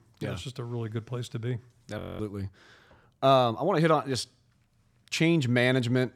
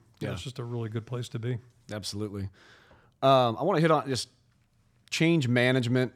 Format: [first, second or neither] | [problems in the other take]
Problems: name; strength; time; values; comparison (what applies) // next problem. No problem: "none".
second | audio freezing; at 2 s